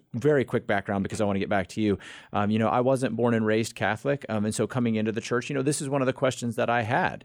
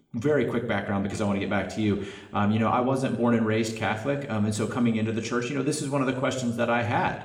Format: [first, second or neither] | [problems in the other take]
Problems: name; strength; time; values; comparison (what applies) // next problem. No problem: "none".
first | room echo; slight; dies away in 1.1 s